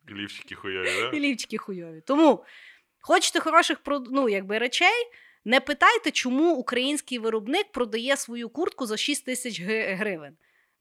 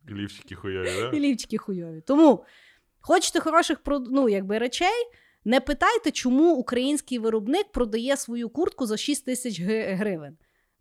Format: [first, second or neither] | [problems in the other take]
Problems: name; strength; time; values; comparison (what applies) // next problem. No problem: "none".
second | thin; very slightly; fading below 600 Hz